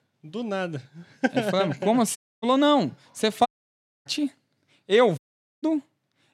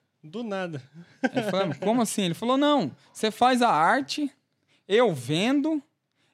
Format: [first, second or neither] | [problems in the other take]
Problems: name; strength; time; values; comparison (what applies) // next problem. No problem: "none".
second | audio cutting out; at 2 s, at 3.5 s for 0.5 s and at 5 s